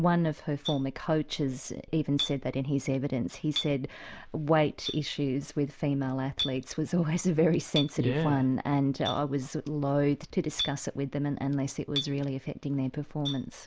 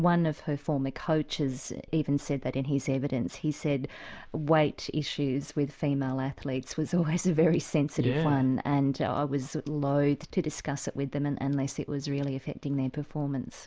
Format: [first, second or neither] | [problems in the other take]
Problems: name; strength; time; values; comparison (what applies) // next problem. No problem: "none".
second | background sound (Chink, clink); 13 dB below the speech